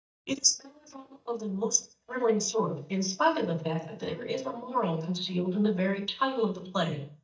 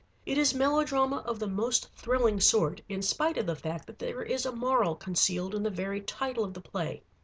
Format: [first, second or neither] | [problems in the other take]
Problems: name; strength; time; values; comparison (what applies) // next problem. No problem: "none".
second | noise reduction (neural mask model DeepFilterNet 3)